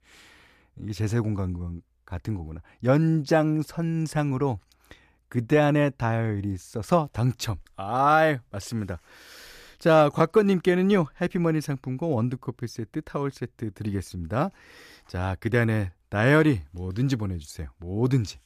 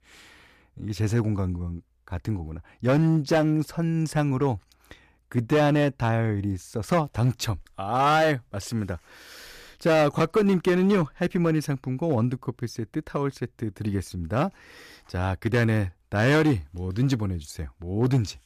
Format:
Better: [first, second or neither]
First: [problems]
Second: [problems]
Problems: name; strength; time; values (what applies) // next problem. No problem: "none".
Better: first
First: none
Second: distortion; slight; 4% of the sound clipped